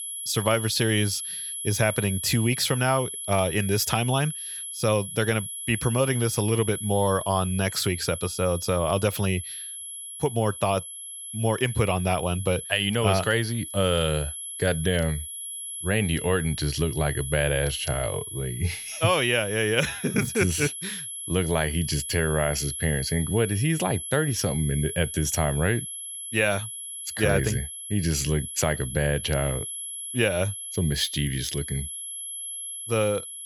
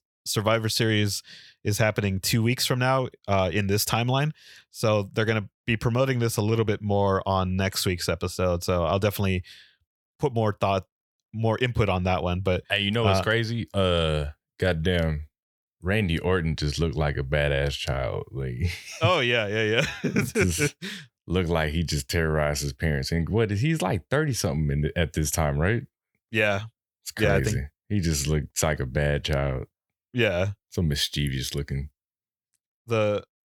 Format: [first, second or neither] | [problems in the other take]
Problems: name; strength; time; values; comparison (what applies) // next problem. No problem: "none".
second | high-pitched whine; loud; throughout; 11 kHz, 7 dB below the speech